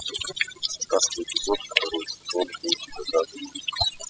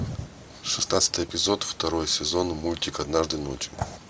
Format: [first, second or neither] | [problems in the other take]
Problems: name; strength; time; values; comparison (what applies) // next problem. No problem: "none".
second | noise reduction (classical method spectral subtraction)